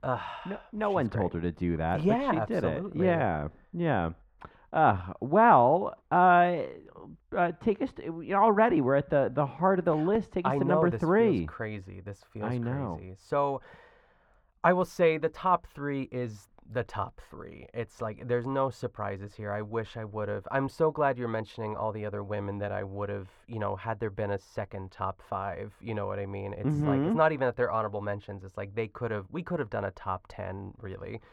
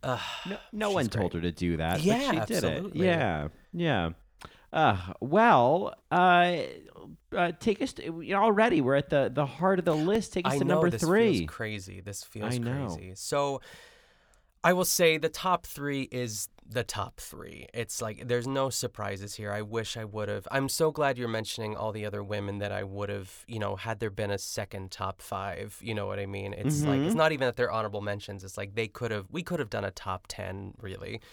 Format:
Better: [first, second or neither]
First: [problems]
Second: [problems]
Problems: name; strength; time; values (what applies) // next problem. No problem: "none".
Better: second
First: muffled; very; fading above 3.5 kHz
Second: none